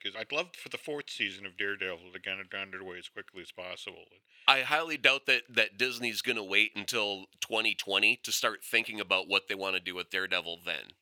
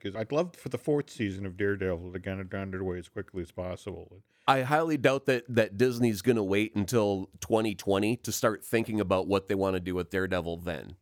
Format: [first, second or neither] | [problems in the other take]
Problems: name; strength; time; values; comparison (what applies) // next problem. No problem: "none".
second | thin; somewhat; fading below 1 kHz